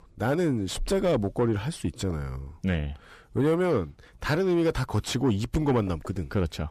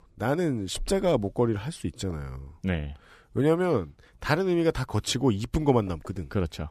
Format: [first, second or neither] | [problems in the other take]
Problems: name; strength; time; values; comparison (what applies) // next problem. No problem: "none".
second | distortion; slight; 10 dB below the speech